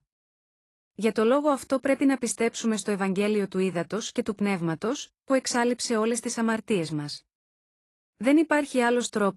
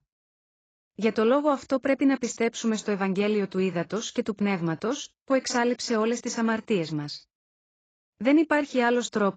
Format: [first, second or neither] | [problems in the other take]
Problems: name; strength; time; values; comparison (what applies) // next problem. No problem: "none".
first | garbled, watery; badly; nothing above 7.5 kHz; slightly in the first